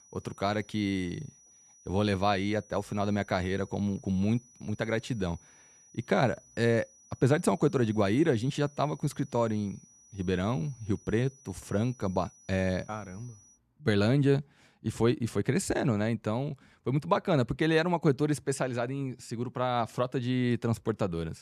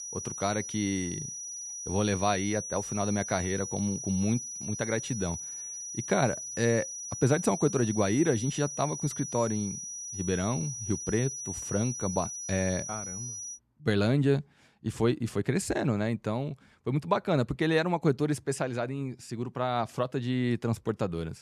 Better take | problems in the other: first | high-pitched whine; loud; until 14 s; 6 kHz, 6 dB below the speech; faint in the first

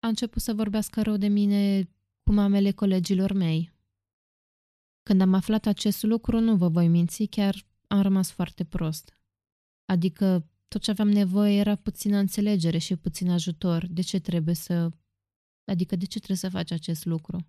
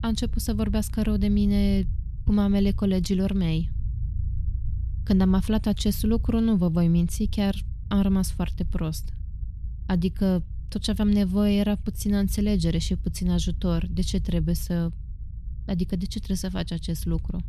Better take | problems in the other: first | low rumble; faint; throughout; 20 dB below the speech

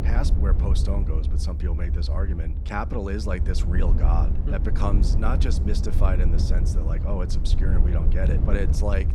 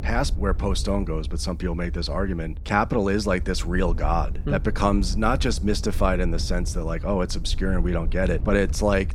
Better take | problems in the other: second | low rumble; loud; throughout; 6 dB below the speech; faint in the second

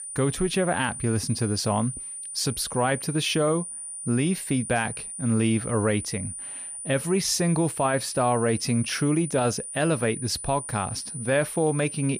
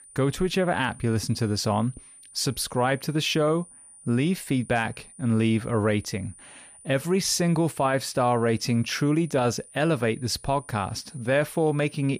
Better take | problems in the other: second | high-pitched whine; loud; throughout; 9.5 kHz, 8 dB below the speech; faint in the second

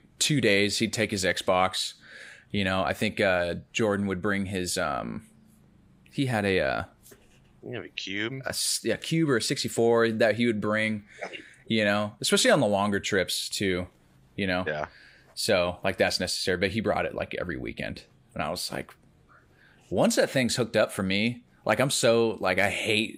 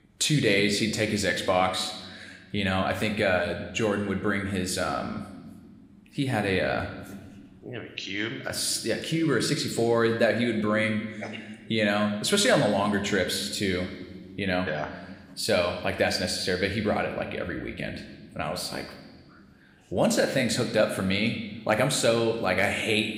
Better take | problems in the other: first | room echo; slight; dies away in 1.1 s

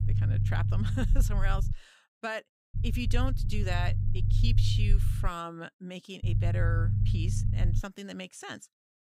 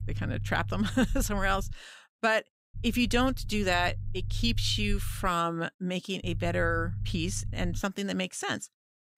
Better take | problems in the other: second | low rumble; loud; until 1.5 s, from 3 to 5.5 s and from 6 to 8 s; 6 dB below the speech; faint in the second

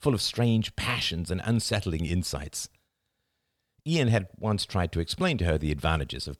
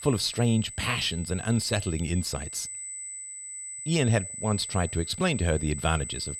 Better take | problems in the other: first | high-pitched whine; loud; throughout; 8 kHz, 9 dB below the speech

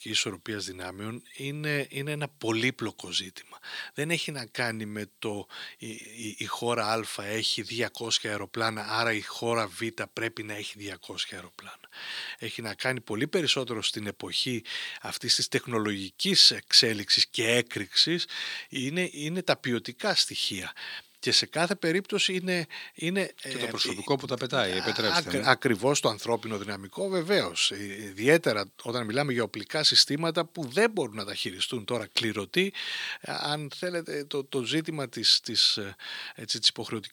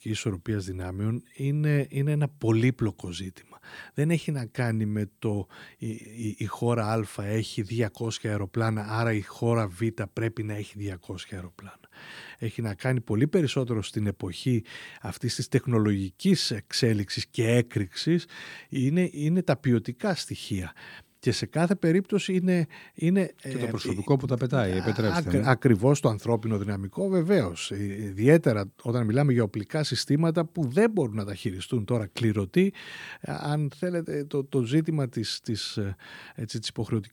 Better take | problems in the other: second | thin; somewhat; fading below 800 Hz

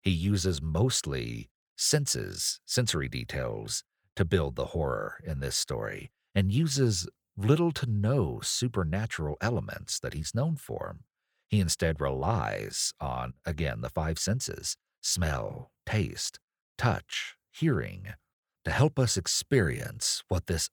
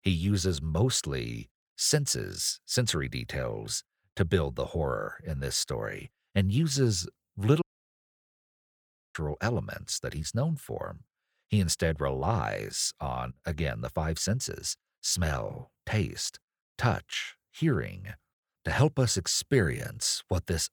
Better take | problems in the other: first | audio cutting out; at 7.5 s for 1.5 s

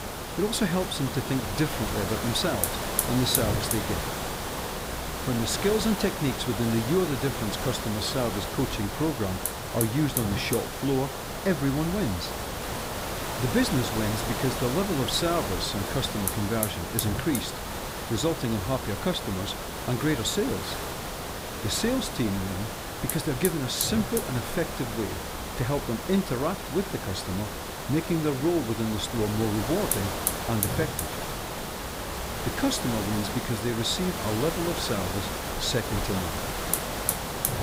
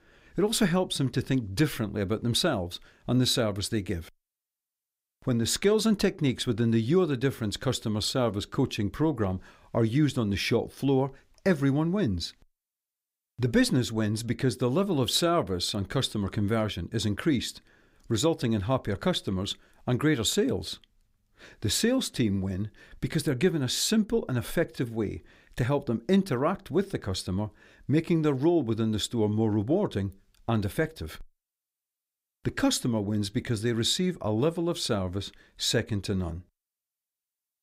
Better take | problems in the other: second | hiss; loud; throughout; 2 dB below the speech

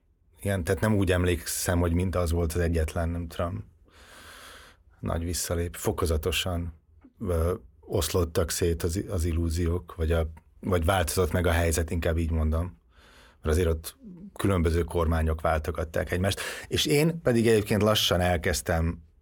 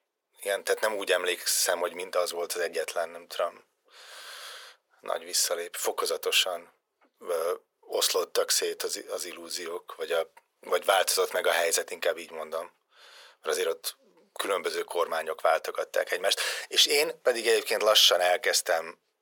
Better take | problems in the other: first | thin; very; fading below 500 Hz

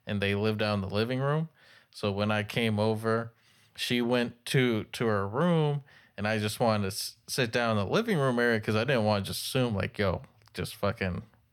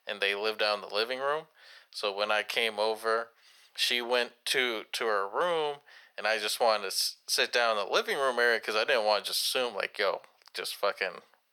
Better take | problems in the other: first | thin; very; fading below 500 Hz

